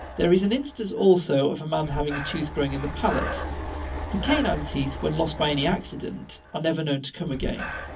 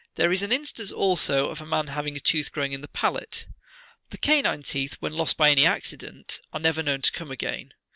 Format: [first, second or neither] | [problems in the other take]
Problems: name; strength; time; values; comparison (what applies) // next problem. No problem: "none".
second | background sound (Breathing); 8 dB below the speech // room echo; dies away in 0.3 s